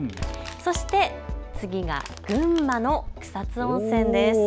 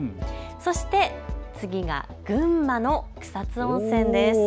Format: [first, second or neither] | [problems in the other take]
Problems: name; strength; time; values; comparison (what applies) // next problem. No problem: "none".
second | background sound (Crushing + Thump, thud); 17 dB below the speech